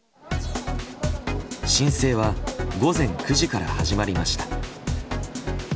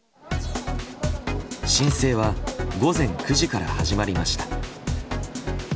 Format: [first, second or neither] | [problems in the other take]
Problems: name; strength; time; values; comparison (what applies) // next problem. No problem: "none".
first | background sound (Printer); 11 dB below the speech